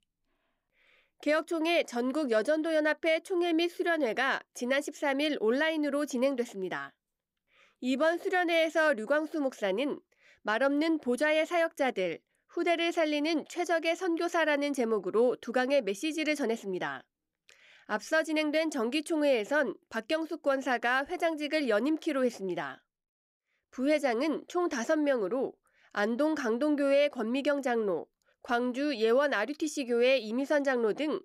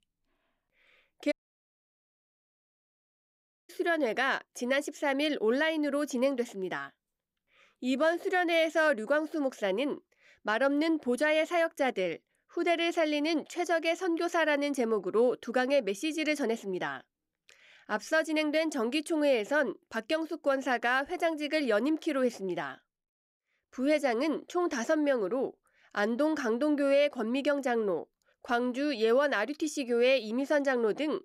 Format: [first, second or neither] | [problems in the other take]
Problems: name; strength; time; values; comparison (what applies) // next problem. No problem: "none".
first | audio cutting out; at 1.5 s for 2.5 s